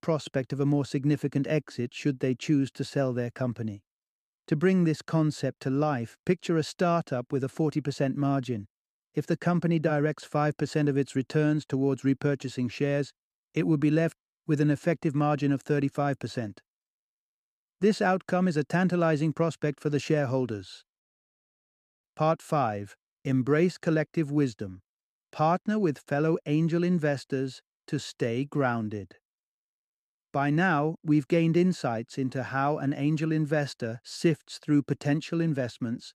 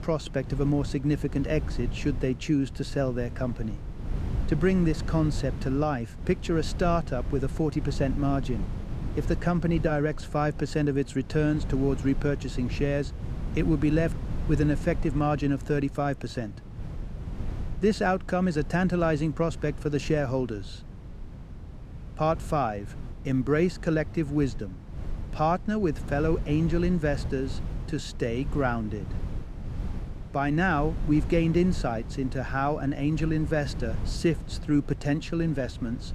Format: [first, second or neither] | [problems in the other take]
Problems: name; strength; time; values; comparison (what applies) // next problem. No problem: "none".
first | wind noise on the microphone; occasional gusts; 15 dB below the speech